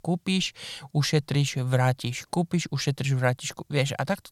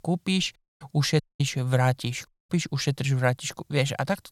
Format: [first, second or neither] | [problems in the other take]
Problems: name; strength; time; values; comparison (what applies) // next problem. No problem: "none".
first | audio cutting out; at 0.5 s, at 1 s and at 2.5 s